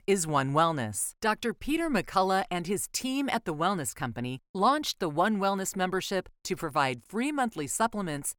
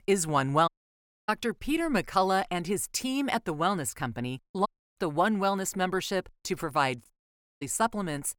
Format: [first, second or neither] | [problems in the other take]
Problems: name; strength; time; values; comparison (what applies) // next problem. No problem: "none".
first | audio cutting out; at 0.5 s for 0.5 s, at 4.5 s and at 7 s for 0.5 s